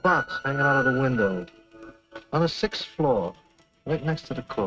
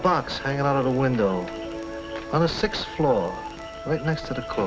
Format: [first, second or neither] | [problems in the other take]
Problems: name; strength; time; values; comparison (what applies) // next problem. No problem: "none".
second | noise reduction (neural mask model RNNoise)